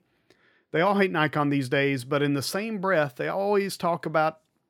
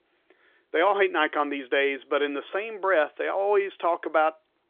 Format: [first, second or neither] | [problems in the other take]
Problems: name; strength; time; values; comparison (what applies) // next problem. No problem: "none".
first | phone-call audio; nothing above 3.5 kHz